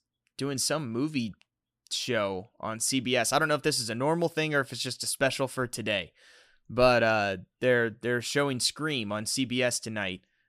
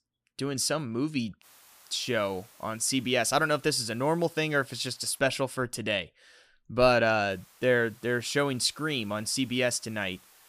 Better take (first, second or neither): first